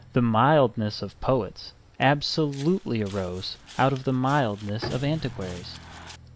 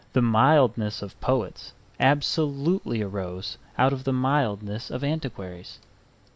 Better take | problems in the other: second | background sound (Bowed string instrument + Walk, footsteps); 18 dB below the speech

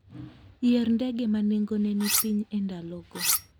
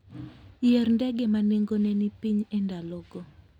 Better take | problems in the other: second | background sound (Cutlery, silverware); 1 dB below the speech

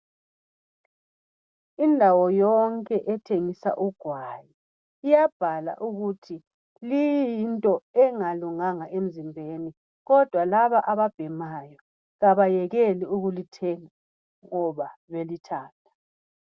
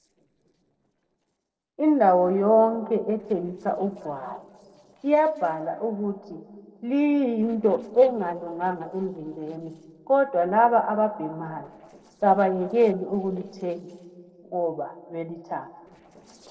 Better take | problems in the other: first | noise reduction (neural separator model SepFormer DNS4)

